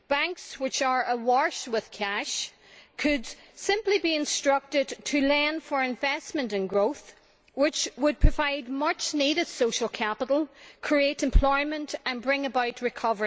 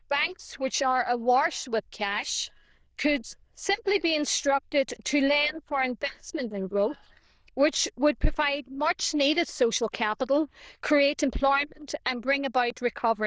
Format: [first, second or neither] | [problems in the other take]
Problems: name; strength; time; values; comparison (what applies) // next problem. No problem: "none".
first | noise reduction (neural diffusion model UNIVERSE++)